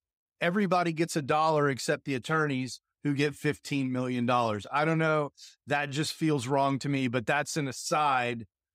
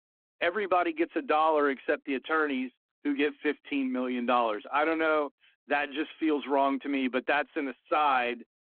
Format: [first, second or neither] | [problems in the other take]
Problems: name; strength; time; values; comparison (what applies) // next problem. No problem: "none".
first | phone-call audio